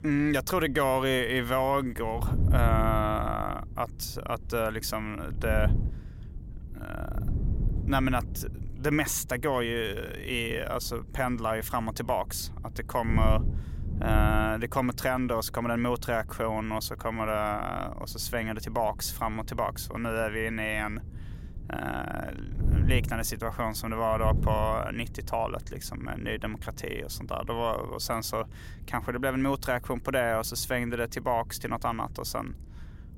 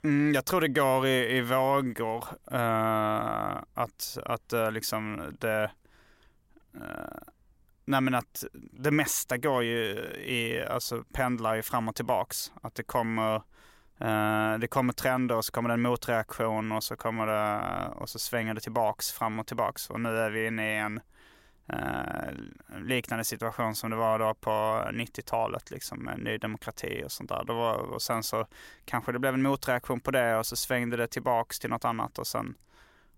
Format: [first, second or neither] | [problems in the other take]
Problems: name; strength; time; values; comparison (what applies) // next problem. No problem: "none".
second | wind noise on the microphone; occasional gusts; 20 dB below the speech